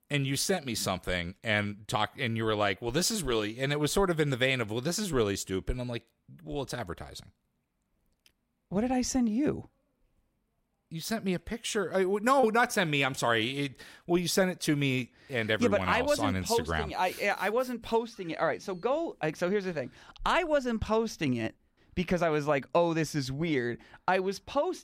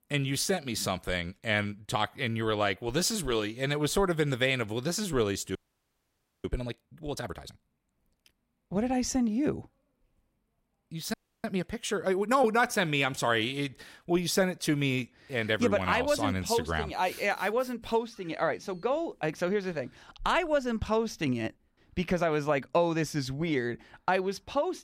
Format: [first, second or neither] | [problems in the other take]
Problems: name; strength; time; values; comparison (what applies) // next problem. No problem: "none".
first | audio freezing; at 5.5 s for 1 s and at 11 s